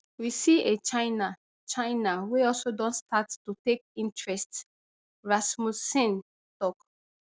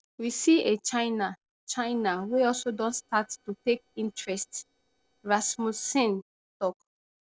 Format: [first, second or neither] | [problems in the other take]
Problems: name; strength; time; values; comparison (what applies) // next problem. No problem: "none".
first | noise reduction (neural separator model SepFormer DNS4)